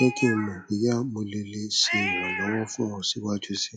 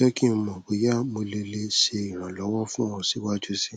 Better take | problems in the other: second | noise reduction (classical method log-MMSE)

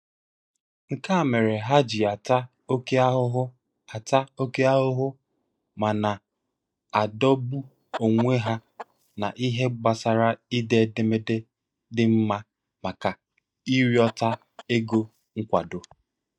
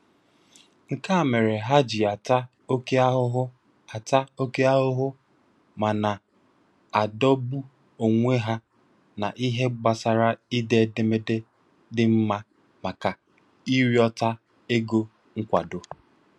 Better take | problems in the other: second | noise reduction (neural mask model DeepFilterNet 3)

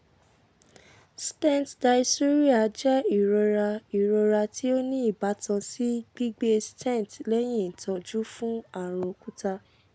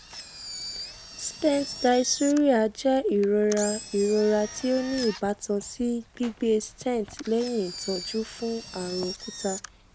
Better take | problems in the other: first | background sound (Engine); 13 dB below the speech

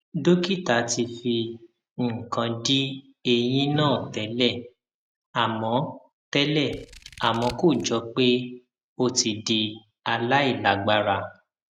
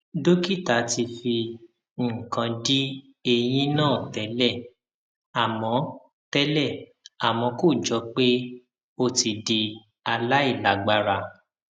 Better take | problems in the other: second | background sound (Scissors); 19 dB below the speech

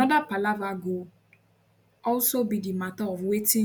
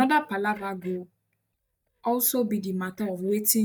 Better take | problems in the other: first | noise reduction (neural mask model DeepFilterNet 3)

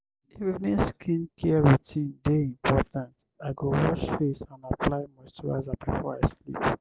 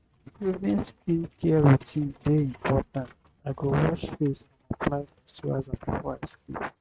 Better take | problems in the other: first | noise reduction (neural mask model RNNoise)

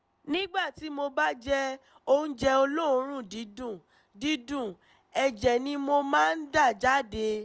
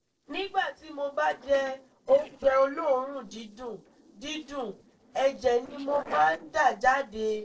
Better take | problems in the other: first | noise reduction (neural separator model SepFormer DNS4)

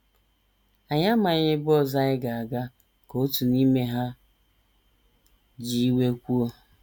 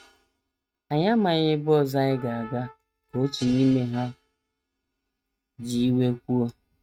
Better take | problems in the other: first | noise reduction (neural mask model RNNoise)

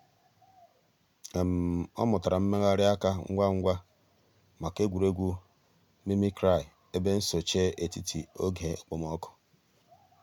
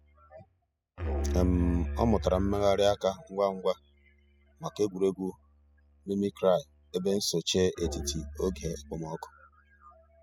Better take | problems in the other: first | noise reduction (classical method spectral subtraction)

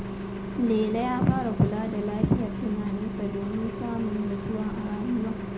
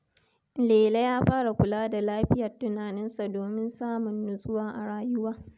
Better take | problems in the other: second | background sound (Engine); 5 dB below the speech // room echo; dies away in 0.3 s

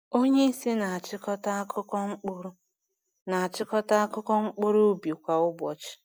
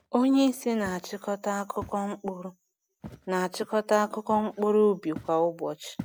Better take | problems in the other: first | background sound (Walk, footsteps); 20 dB below the speech

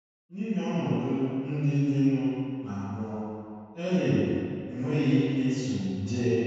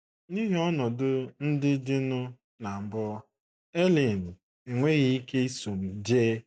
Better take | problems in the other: second | room echo; dies away in 2.1 s

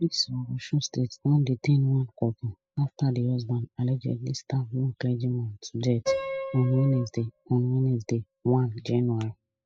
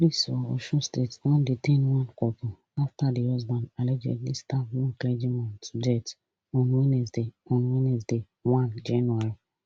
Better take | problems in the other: second | noise reduction (classical method spectral subtraction)

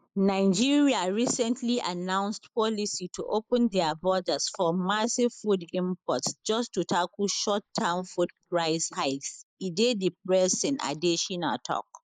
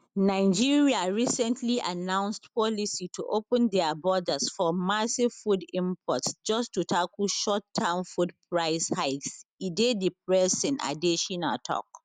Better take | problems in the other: second | noise reduction (neural mask model Resemble Enhance denoiser)

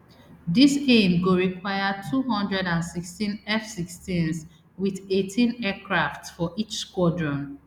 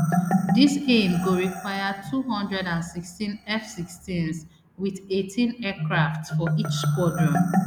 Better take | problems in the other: first | background sound (Marimba, xylophone); 2 dB below the speech

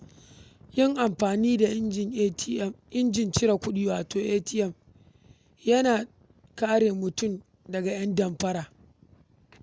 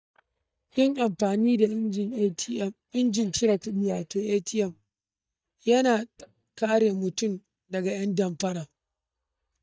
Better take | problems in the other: first | noise reduction (neural mask model DeepFilterNet 3)

